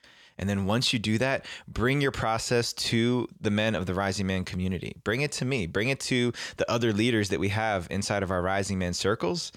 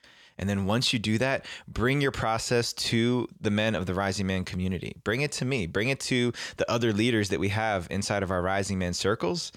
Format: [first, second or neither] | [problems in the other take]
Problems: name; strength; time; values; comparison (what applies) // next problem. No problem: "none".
neither | none